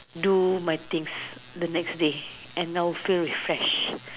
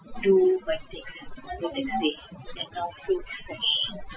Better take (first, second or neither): first